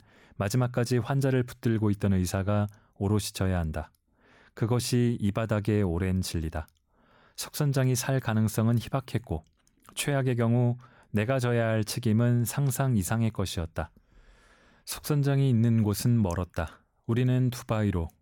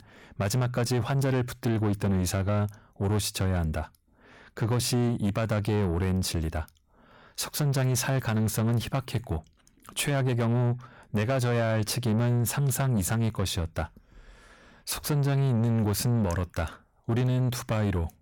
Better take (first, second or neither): first